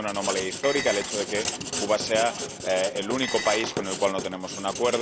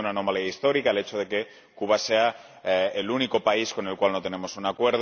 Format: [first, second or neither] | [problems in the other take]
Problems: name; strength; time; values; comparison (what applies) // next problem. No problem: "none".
second | background sound (Writing + Dishes, pots, and pans); 5 dB below the speech